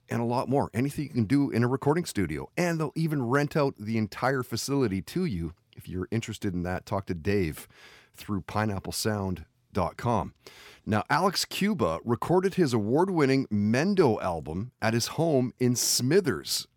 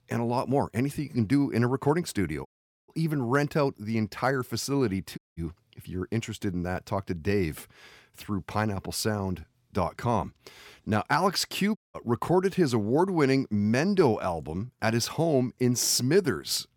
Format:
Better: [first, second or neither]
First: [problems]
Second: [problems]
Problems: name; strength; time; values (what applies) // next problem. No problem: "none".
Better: first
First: none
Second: audio cutting out; at 2.5 s, at 5 s and at 12 s